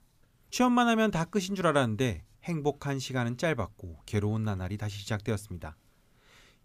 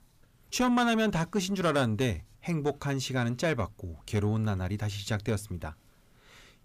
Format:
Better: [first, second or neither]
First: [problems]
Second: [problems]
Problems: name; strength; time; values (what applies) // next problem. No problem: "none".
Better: first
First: none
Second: distortion; slight; 10 dB below the speech